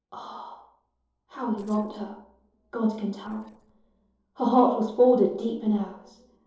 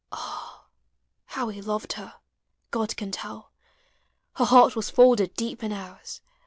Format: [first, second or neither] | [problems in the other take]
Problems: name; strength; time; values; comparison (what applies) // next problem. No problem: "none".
second | noise reduction (neural separator model SepFormer DNS4)